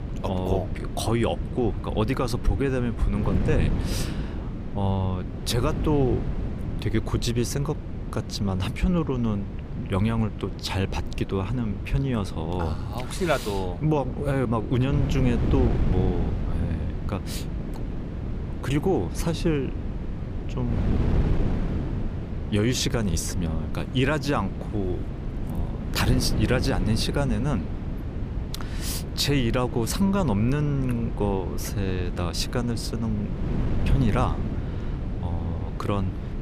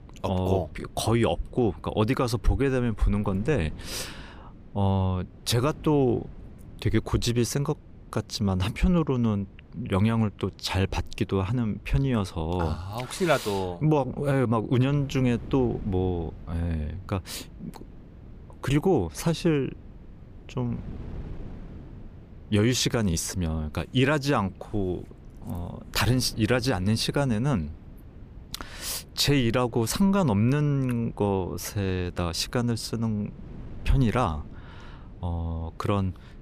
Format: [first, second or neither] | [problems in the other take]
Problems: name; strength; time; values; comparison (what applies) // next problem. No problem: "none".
second | wind noise on the microphone; heavy; 9 dB below the speech; occasional gusts in the second